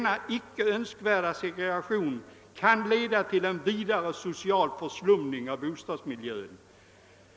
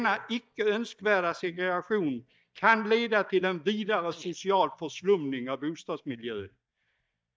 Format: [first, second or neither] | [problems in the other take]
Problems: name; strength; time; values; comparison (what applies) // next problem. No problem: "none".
first | noise reduction (neural mask model DeepFilterNet 3)